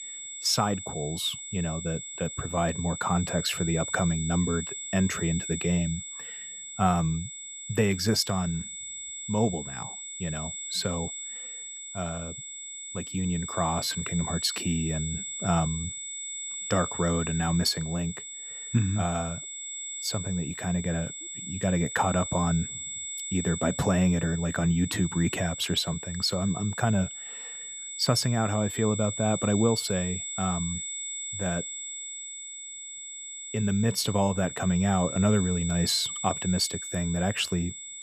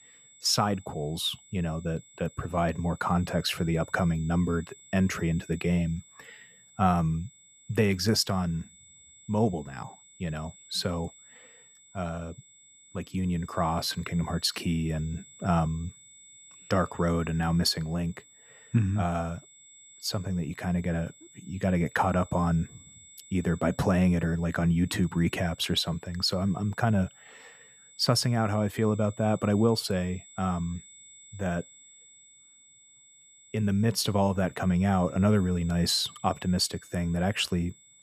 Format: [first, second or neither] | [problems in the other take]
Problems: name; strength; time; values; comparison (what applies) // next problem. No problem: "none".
second | high-pitched whine; loud; throughout; 7.5 kHz, 7 dB below the speech; faint in the second